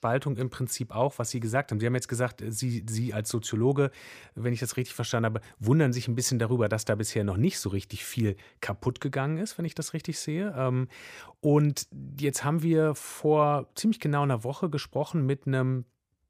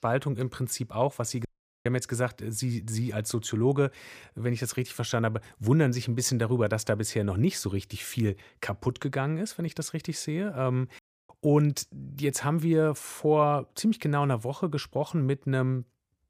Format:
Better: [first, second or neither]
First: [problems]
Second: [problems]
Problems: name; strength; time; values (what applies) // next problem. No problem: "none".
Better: first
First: none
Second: audio cutting out; at 1.5 s and at 11 s